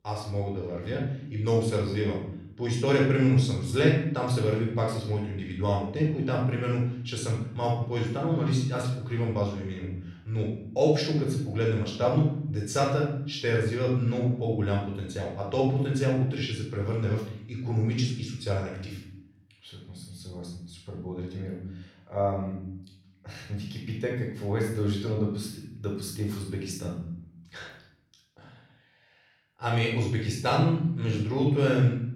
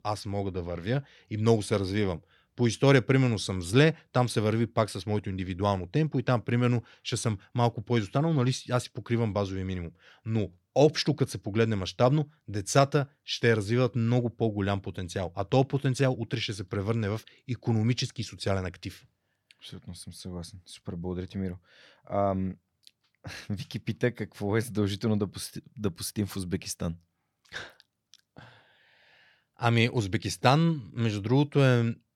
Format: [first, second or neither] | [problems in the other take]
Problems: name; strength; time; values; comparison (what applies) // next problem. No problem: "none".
second | off-mic speech; far // room echo; noticeable; dies away in 0.7 s